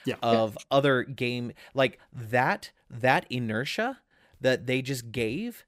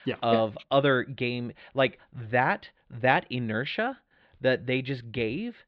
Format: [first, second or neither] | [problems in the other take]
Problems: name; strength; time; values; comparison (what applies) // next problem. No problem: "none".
first | muffled; slightly; fading above 3.5 kHz